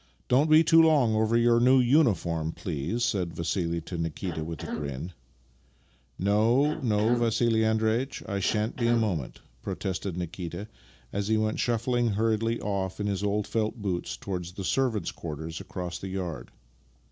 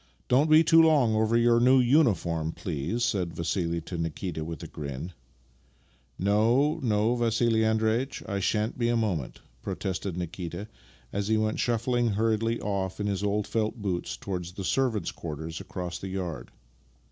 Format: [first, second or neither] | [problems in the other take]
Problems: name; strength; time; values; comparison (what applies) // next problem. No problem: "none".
second | background sound (Cough); 11 dB below the speech